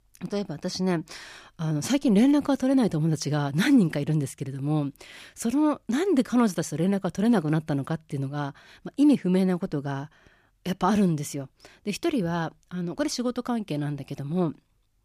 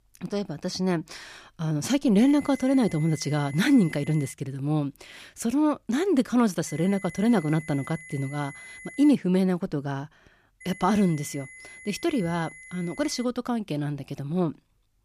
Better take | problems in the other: first | high-pitched whine; noticeable; from 2 to 4.5 s, from 6.5 to 9 s and from 11 to 13 s; 2 kHz, 20 dB below the speech

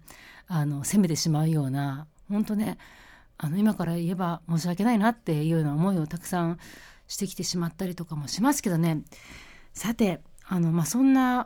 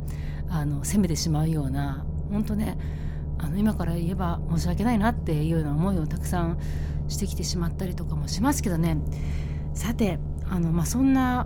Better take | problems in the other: first | low rumble; noticeable; throughout; 10 dB below the speech

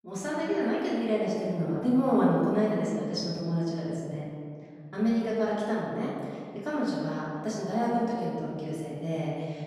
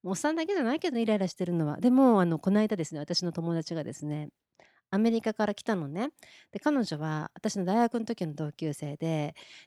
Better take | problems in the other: second | off-mic speech; far // room echo; strong; dies away in 2 s

